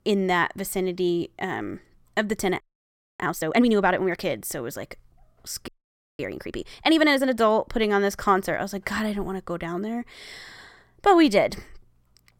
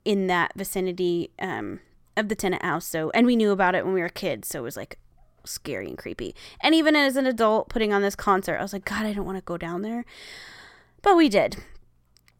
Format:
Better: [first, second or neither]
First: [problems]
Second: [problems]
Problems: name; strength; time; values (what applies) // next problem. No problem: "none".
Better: second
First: audio freezing; at 2.5 s for 0.5 s and at 5.5 s for 0.5 s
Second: none